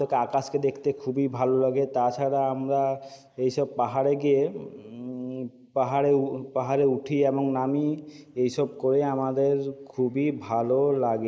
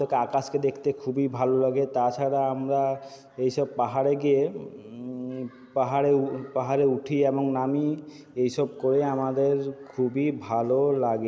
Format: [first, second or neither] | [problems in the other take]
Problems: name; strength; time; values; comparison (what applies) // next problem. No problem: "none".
second | noise reduction (neural mask model Resemble Enhance denoiser)